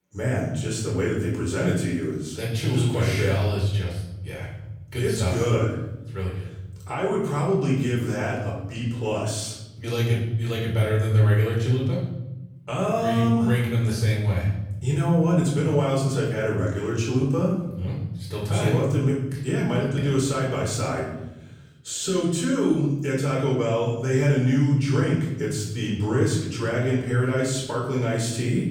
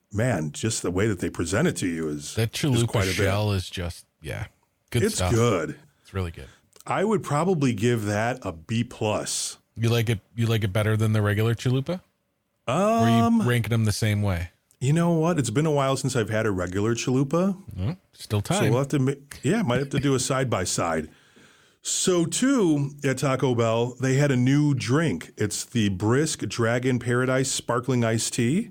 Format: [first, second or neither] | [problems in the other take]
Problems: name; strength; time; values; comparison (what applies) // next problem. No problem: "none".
second | off-mic speech; far // room echo; noticeable; dies away in 1.2 s